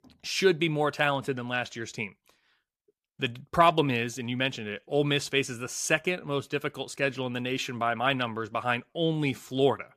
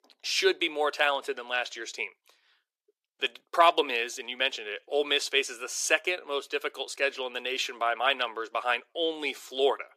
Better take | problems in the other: first | thin; very; fading below 350 Hz

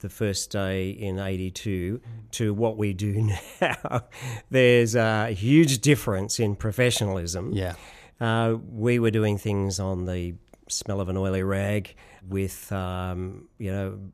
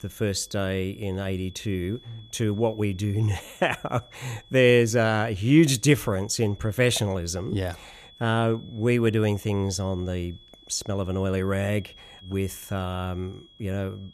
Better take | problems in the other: first | high-pitched whine; faint; throughout; 3.5 kHz, 25 dB below the speech

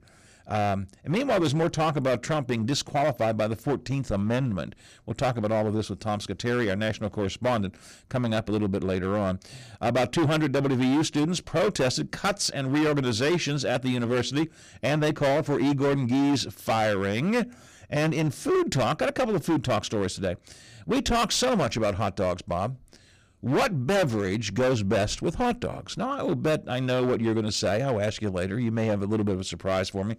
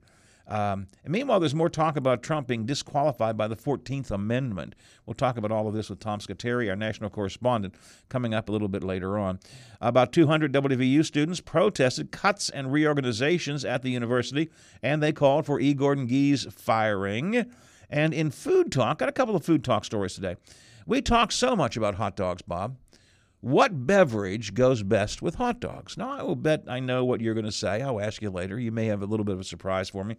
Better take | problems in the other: second | distortion; heavy; 13% of the sound clipped

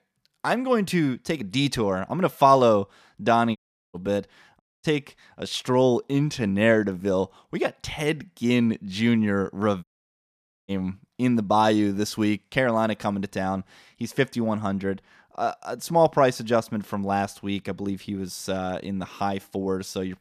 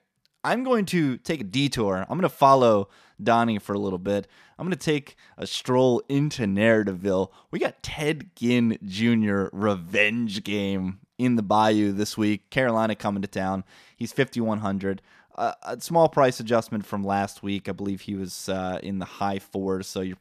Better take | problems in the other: second | audio cutting out; at 3.5 s, at 4.5 s and at 10 s for 1 s

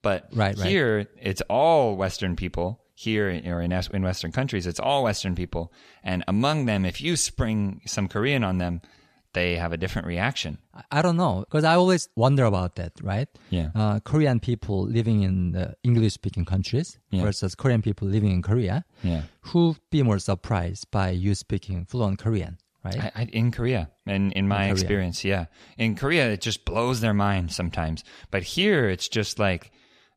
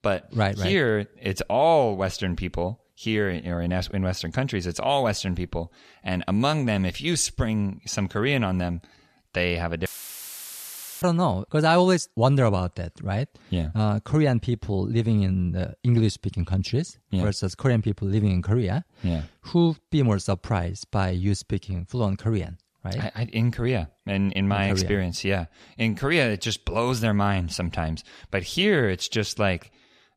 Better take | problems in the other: first | audio cutting out; filled with static; at 10 s for 1 s

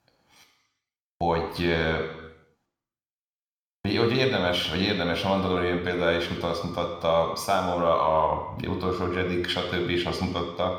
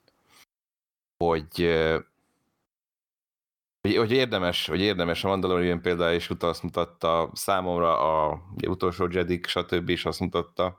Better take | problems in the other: second | room echo; noticeable; dies away in 0.9 s

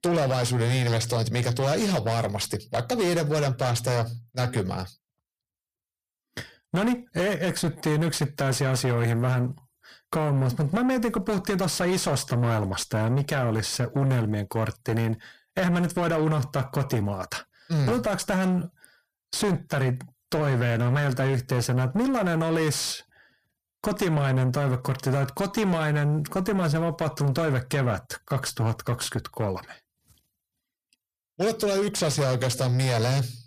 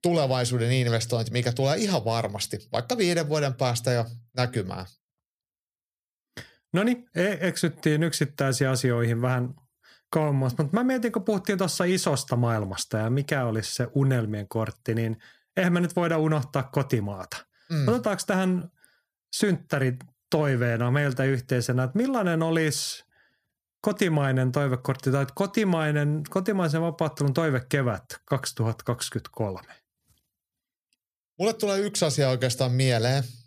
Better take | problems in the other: second | distortion; heavy; 7 dB below the speech

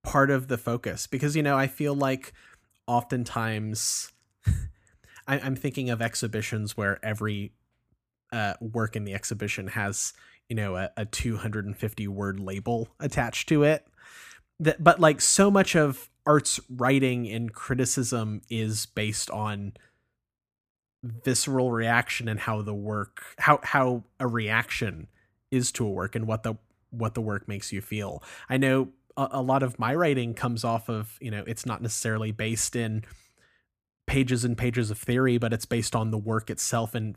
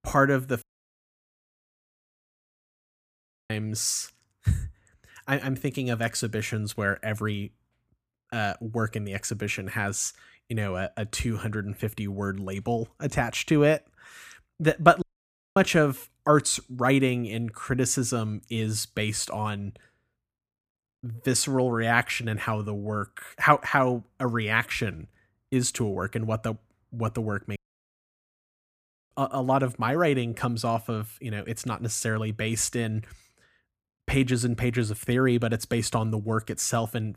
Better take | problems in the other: first | audio cutting out; at 0.5 s for 3 s, at 15 s for 0.5 s and at 28 s for 1.5 s

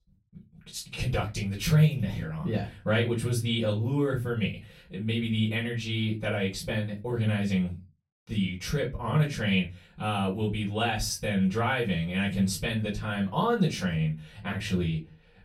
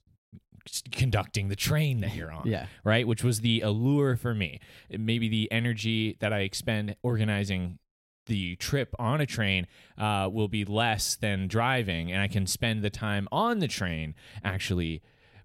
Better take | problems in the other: second | off-mic speech; far // room echo; very slight; dies away in 0.2 s

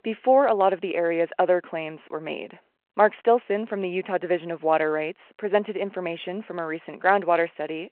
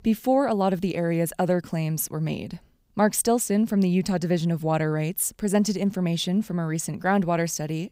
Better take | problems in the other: second | phone-call audio

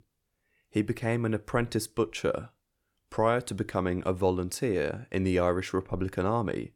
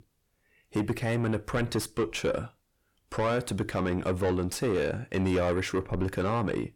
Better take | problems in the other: first | distortion; heavy; 7 dB below the speech

